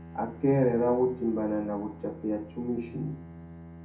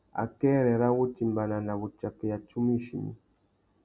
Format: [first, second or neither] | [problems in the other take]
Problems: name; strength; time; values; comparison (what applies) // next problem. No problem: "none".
second | background sound (Bowed string instrument); 16 dB below the speech // room echo; dies away in 0.4 s